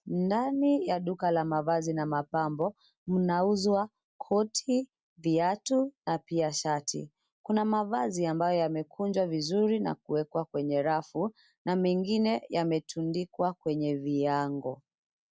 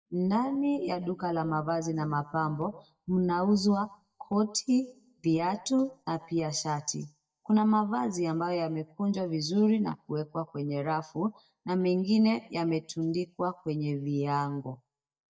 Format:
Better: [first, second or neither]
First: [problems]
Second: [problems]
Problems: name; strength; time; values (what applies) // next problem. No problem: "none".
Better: first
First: none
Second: noise reduction (neural mask model DeepFilterNet 3)